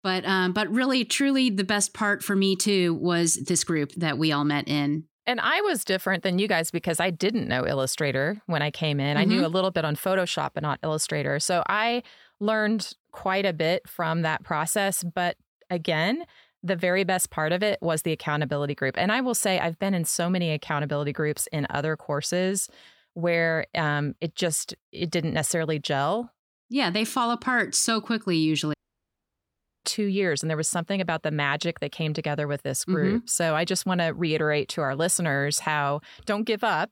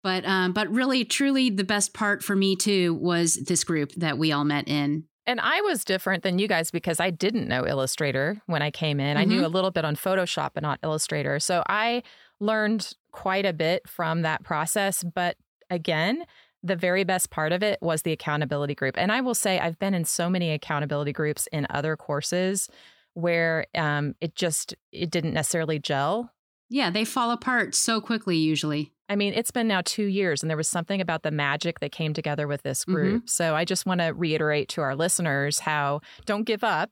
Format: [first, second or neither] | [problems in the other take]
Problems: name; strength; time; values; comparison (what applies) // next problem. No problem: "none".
second | audio cutting out; at 29 s for 1 s